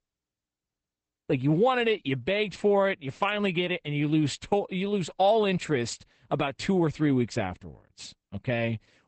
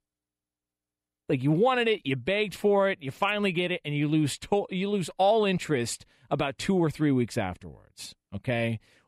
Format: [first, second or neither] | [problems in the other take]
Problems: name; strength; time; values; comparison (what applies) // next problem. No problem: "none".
second | garbled, watery; badly; nothing above 8 kHz